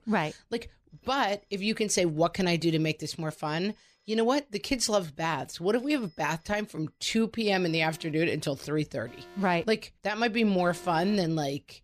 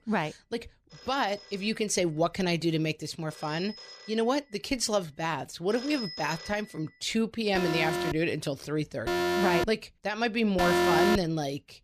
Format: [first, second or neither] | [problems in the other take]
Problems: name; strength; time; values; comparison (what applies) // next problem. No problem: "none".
first | alarms or sirens; loud; throughout; as loud as the speech; faint in the first